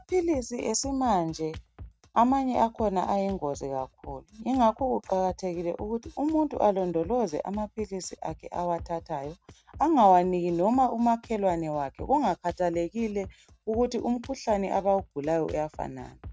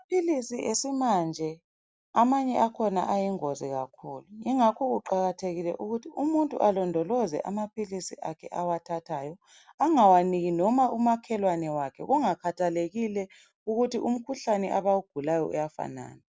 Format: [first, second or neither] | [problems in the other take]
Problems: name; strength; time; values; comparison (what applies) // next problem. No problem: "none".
second | noise reduction (neural mask model RNNoise)